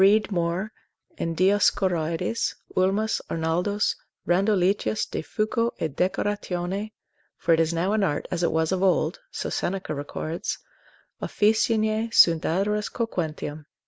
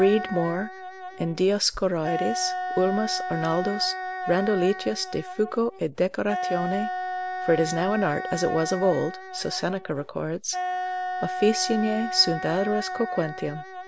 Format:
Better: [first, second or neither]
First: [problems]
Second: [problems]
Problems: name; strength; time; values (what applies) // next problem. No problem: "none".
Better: first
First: none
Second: background sound (Wind instrument, woodwind instrument); 6 dB below the speech